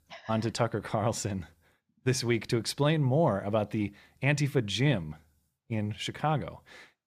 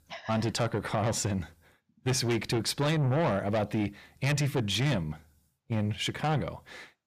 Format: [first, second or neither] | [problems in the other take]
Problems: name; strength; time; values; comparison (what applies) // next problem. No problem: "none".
first | distortion; heavy; 7 dB below the speech